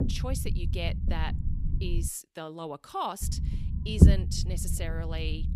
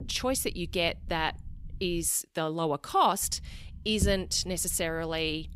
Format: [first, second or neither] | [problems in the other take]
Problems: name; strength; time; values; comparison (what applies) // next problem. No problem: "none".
second | low rumble; loud; until 2 s and from 3 s on; 4 dB below the speech; faint in the second